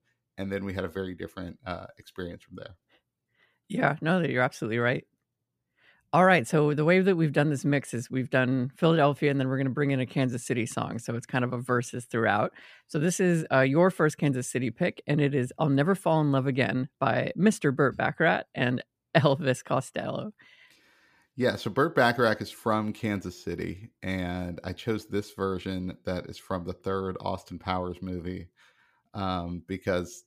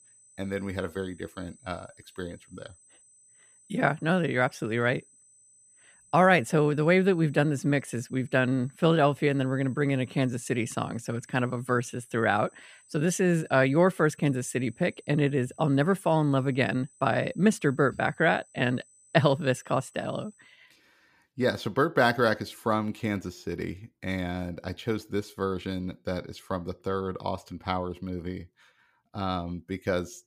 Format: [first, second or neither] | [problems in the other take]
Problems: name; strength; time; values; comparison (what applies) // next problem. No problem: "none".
first | high-pitched whine; faint; until 20 s; 8 kHz, 30 dB below the speech